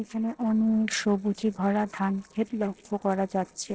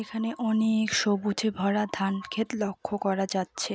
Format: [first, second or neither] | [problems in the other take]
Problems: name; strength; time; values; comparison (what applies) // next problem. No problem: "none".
second | noise reduction (neural separator model SepFormer DNS4)